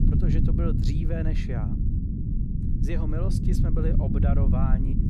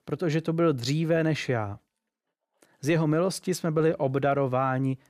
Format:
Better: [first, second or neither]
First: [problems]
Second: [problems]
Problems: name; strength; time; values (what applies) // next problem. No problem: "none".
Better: second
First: low rumble; loud; throughout; as loud as the speech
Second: none